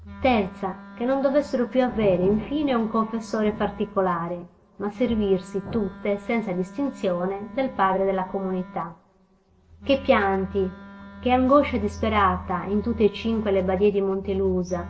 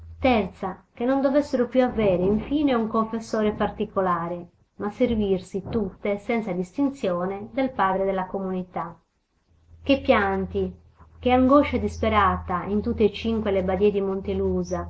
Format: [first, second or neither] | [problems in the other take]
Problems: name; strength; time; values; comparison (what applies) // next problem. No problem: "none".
second | background sound (Wind instrument, woodwind instrument); 19 dB below the speech // room echo; dies away in 1 s